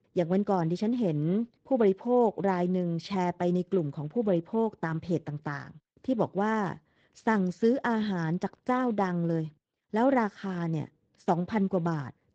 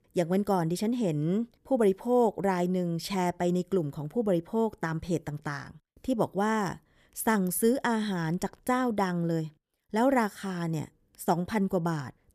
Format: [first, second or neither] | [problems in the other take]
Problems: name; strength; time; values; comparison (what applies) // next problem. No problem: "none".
second | garbled, watery; slightly; nothing above 8 kHz